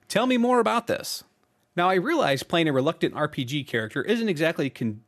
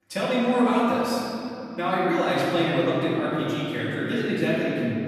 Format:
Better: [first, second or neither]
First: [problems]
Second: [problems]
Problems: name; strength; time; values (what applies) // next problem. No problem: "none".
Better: first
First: none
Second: room echo; strong; dies away in 3 s // off-mic speech; far